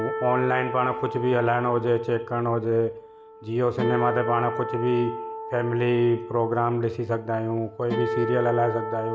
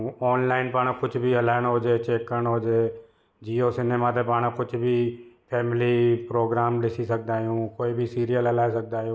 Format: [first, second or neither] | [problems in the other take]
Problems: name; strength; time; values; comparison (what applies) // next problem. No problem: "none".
second | background sound (Acoustic guitar); 8 dB below the speech